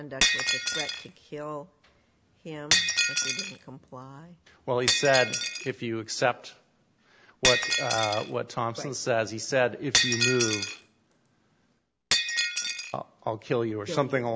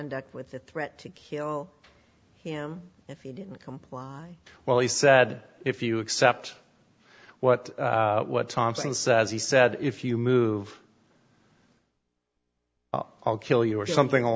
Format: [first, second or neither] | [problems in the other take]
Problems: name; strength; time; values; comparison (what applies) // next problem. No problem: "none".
second | background sound (Shatter); as loud as the speech